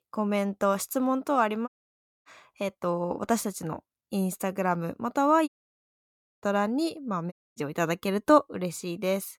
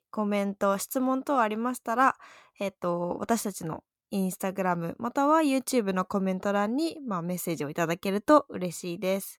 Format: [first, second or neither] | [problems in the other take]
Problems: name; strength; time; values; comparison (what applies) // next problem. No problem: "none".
second | audio cutting out; at 1.5 s for 0.5 s, at 5.5 s for 1 s and at 7.5 s